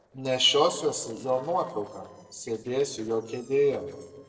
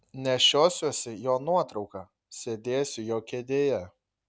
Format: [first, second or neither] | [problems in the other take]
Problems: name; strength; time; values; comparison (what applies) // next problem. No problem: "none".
second | noise reduction (neural separator model SepFormer DNS4)